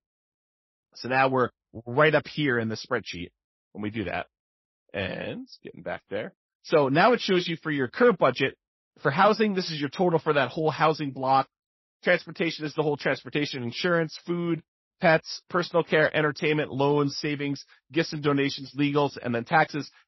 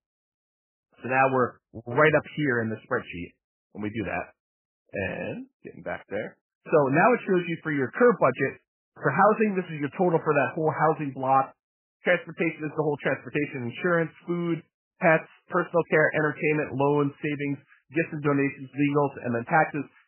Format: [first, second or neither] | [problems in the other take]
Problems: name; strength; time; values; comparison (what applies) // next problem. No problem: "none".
first | garbled, watery; badly; nothing above 2.5 kHz; slightly in the first